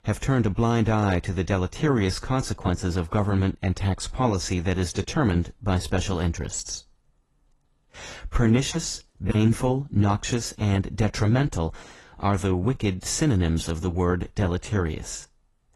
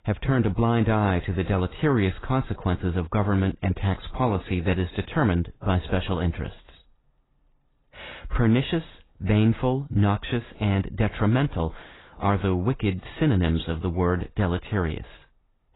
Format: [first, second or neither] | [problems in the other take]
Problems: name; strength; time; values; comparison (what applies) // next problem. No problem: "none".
first | garbled, watery; badly; nothing above 4 kHz; slightly in the first